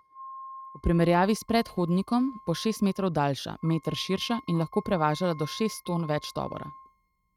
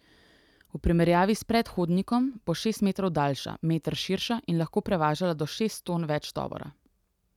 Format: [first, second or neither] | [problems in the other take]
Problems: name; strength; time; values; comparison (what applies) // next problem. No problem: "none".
second | noise reduction (neural mask model RNNoise)